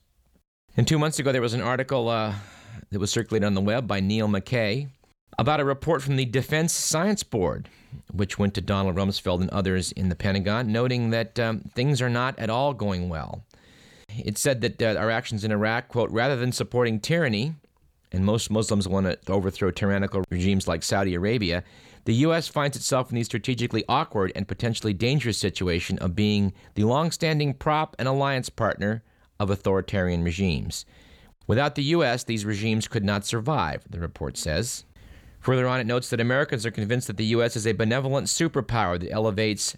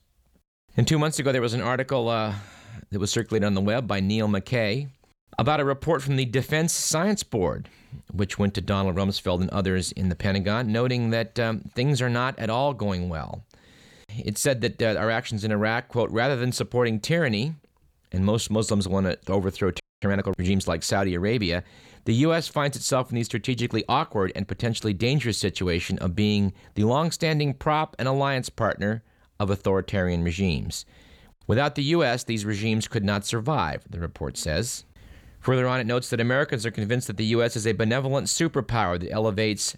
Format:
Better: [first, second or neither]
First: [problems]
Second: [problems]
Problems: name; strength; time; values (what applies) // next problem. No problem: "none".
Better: first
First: none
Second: audio freezing; at 20 s